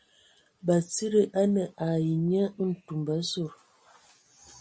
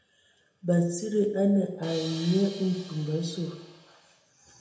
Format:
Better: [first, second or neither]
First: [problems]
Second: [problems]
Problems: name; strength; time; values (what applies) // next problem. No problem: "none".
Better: first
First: none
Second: background sound (Crash cymbal); 16 dB below the speech // room echo; dies away in 0.8 s